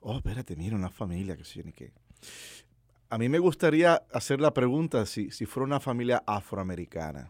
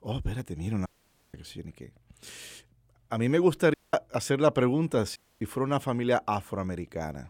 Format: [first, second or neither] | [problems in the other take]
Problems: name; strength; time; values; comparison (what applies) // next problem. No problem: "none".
first | audio cutting out; at 1 s, at 3.5 s and at 5 s